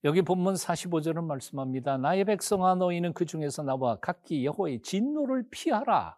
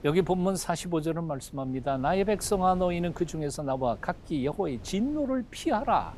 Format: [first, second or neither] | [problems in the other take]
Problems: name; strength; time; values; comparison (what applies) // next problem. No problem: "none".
first | wind noise on the microphone; occasional gusts; 25 dB below the speech